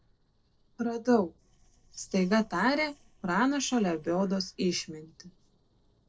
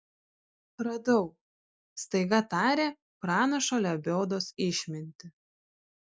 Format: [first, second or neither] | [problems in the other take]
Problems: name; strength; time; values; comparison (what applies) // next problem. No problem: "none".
second | noise reduction (neural separator model SepFormer DNS4)